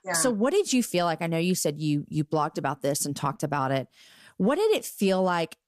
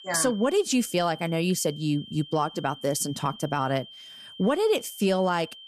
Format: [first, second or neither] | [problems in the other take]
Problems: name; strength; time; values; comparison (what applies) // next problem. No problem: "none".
first | high-pitched whine; noticeable; throughout; 3 kHz, 15 dB below the speech